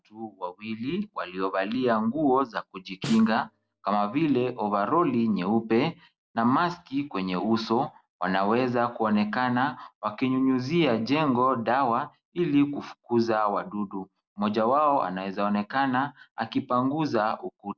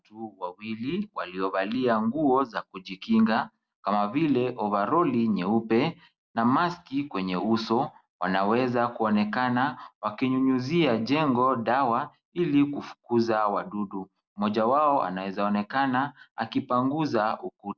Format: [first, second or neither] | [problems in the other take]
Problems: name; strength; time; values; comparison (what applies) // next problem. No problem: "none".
second | background sound (Snare drum); 14 dB below the speech